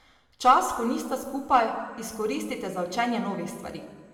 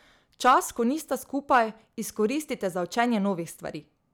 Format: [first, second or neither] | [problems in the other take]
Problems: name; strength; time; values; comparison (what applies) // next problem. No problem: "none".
second | room echo; dies away in 1.5 s